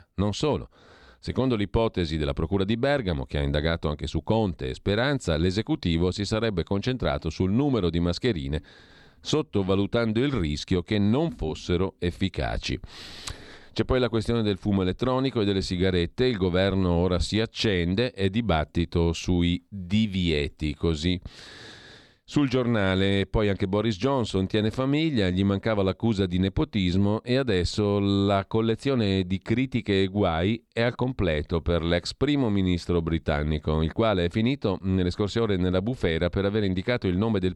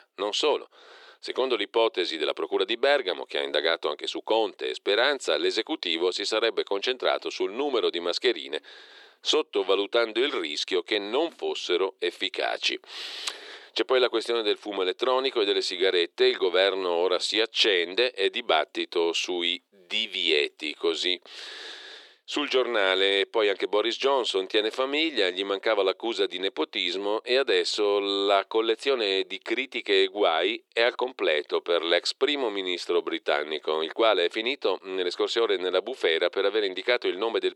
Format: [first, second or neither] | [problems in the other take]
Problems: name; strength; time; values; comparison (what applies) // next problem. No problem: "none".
first | thin; very; fading below 350 Hz